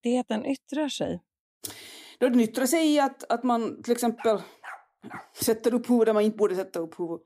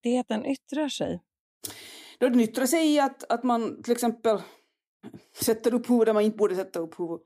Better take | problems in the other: second | dog barking; faint; from 4 to 5.5 s; peak 20 dB below the speech

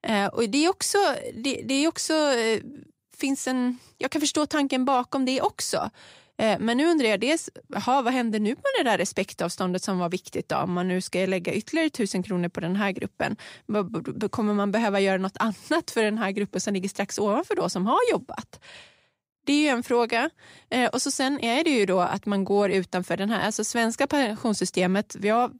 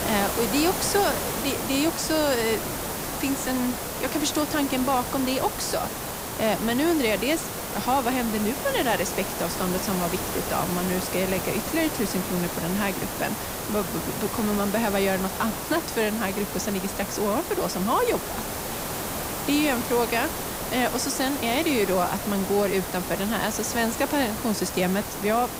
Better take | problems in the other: first | hiss; loud; throughout; 4 dB below the speech

